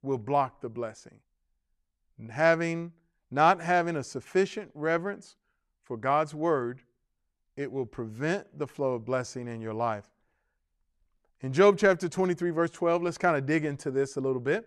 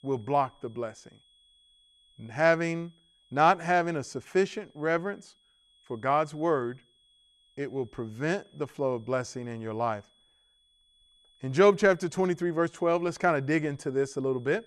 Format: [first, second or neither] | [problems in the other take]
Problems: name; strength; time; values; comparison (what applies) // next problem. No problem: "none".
first | high-pitched whine; faint; throughout; 3.5 kHz, 35 dB below the speech